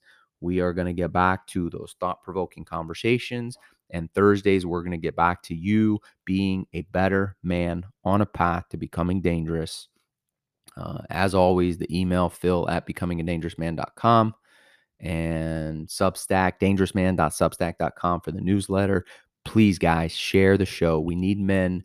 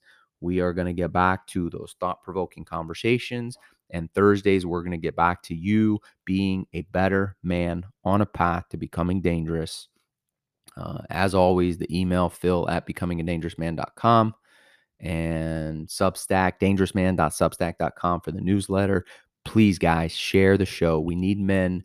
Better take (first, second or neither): neither